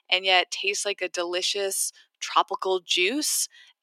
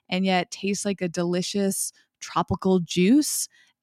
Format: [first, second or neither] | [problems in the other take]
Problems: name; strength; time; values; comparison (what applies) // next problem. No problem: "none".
second | thin; very; fading below 400 Hz